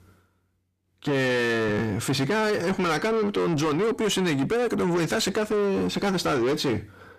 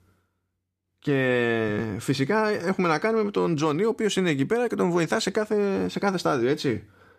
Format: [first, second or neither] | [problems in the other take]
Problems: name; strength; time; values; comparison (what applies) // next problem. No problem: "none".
second | distortion; heavy; 7 dB below the speech